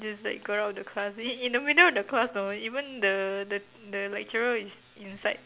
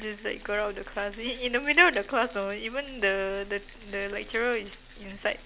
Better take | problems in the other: first | background sound (Rattle); 18 dB below the speech

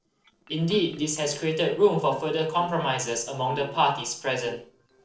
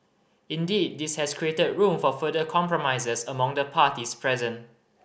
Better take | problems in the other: second | noise reduction (neural separator model SepFormer DNS4)

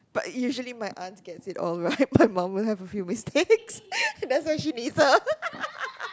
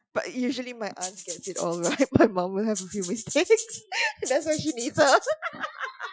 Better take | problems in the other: first | noise reduction (classical method Wiener filter)

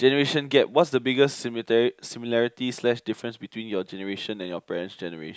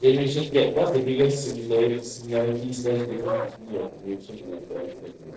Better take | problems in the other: first | noise reduction (neural separator model SepFormer DNS4)

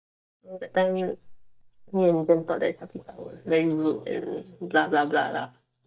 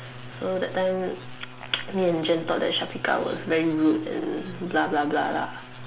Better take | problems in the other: second | noise reduction (neural mask model DeepFilterNet 3)

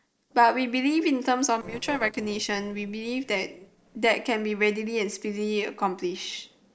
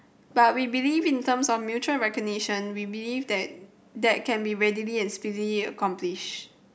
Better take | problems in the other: second | noise reduction (neural separator model SepFormer DNS4)

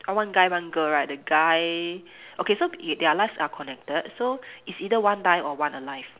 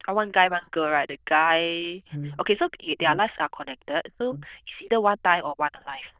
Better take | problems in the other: first | noise reduction (neural diffusion model UNIVERSE++)

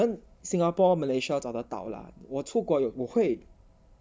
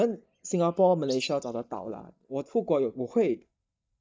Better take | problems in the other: first | noise reduction (neural mask model DeepFilterNet 3)

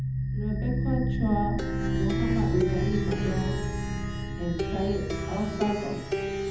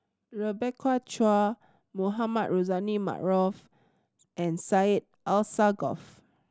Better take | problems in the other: second | background sound (Plucked string instrument); 4 dB above the speech // room echo; dies away in 0.8 s

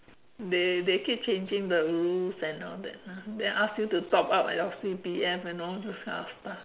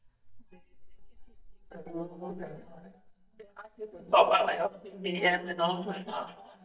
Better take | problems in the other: first | noise reduction (neural mask model DeepFilterNet 3)

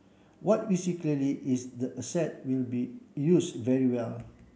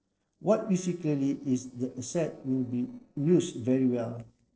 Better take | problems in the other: first | noise reduction (neural separator model SepFormer DNS4)

